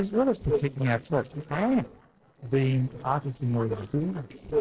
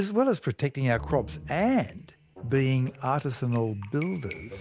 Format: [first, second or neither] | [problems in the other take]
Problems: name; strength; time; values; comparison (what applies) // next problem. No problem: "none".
second | noise reduction (neural separator model SepFormer DNS4)